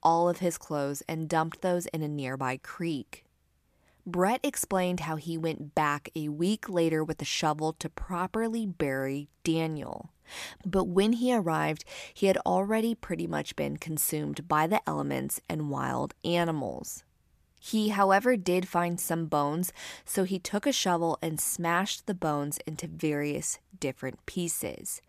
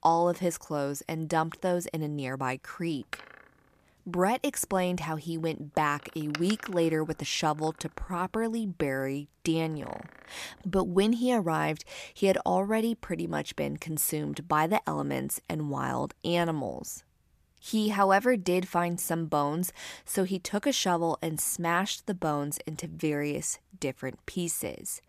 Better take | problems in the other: first | door banging; noticeable; from 3 to 10 s; peak 8 dB below the speech

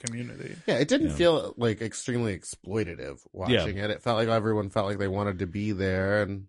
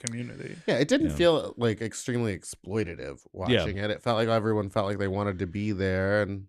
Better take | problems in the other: second | garbled, watery; slightly; nothing above 10.5 kHz

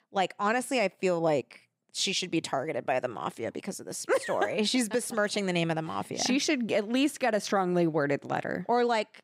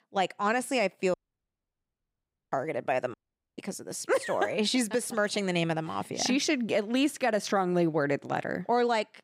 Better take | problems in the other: first | audio cutting out; at 1 s for 1.5 s and at 3 s

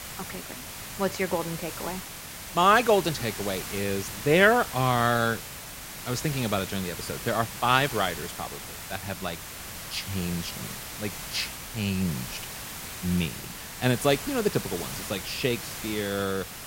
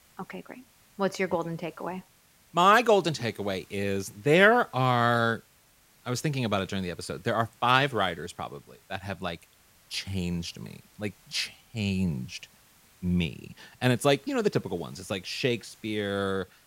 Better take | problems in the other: second | hiss; loud; throughout; 9 dB below the speech; faint in the second

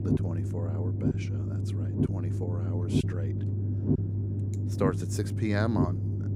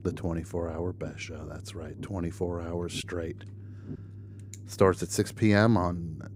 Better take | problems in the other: second | low rumble; loud; throughout; 2 dB below the speech; faint in the second

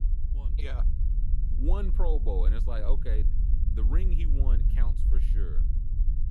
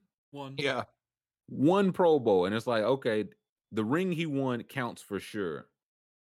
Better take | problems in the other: second | low rumble; loud; throughout; 8 dB below the speech

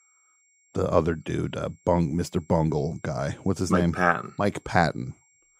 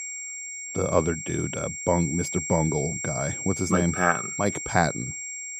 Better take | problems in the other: first | high-pitched whine; loud; throughout; 7.5 kHz, 5 dB below the speech; faint in the first

